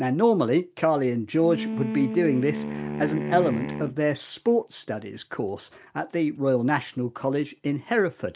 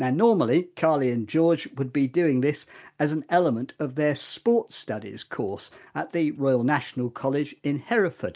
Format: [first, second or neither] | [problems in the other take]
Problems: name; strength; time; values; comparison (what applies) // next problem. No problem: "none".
second | background sound (Wind instrument, woodwind instrument); 7 dB below the speech